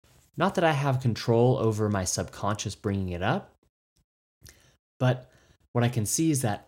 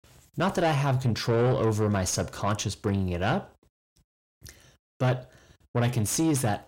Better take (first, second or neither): first